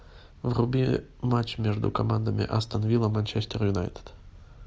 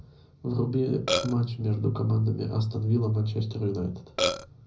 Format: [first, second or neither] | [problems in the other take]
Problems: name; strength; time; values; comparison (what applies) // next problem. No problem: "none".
first | background sound (Burping, eructation); as loud as the speech // room echo; dies away in 0.4 s